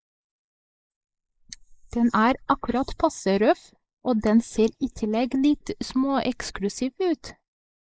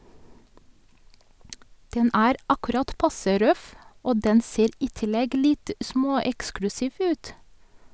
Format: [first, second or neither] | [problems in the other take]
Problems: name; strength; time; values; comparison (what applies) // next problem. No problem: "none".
second | noise reduction (neural mask model Resemble Enhance denoiser)